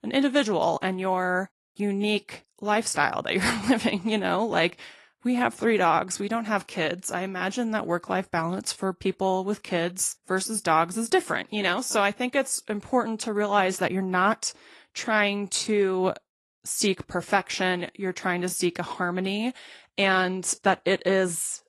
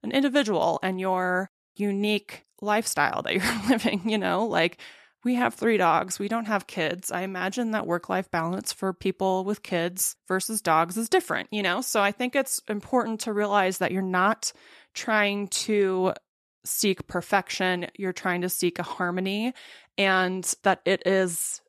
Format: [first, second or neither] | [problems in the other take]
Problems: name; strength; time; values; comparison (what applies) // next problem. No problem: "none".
second | garbled, watery; slightly; nothing above 11.5 kHz